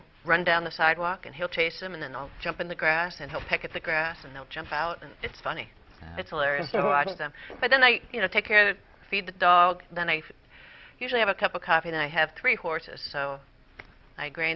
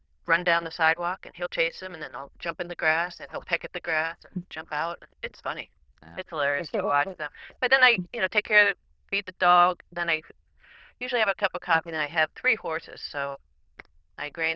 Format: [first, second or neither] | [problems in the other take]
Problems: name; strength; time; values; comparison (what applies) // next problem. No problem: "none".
first | noise reduction (neural diffusion model UNIVERSE++)